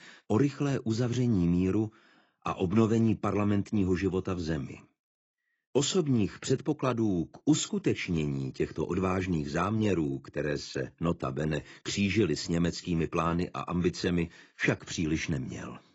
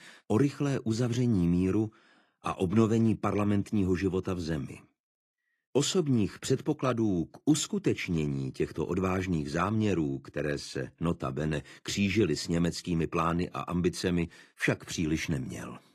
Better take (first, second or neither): second